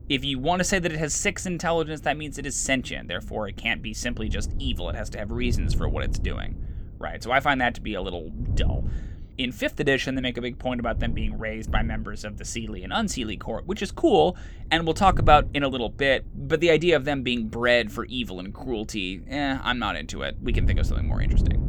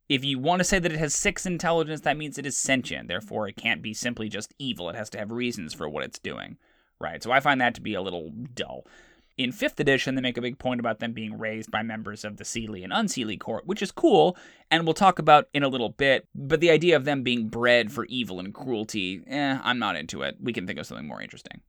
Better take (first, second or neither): second